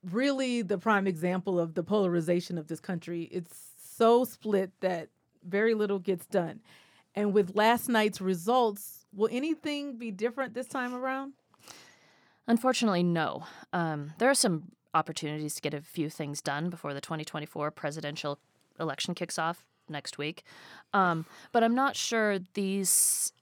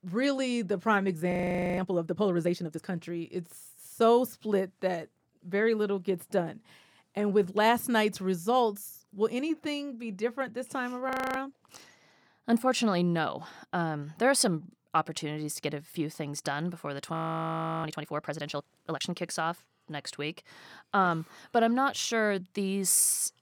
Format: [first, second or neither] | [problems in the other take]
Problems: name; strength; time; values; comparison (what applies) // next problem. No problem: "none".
first | audio freezing; at 1.5 s, at 11 s and at 17 s for 0.5 s